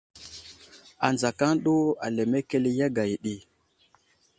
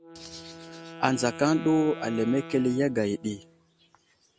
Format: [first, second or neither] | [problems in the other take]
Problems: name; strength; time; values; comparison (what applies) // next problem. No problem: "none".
first | background sound (Wind instrument, woodwind instrument); 15 dB below the speech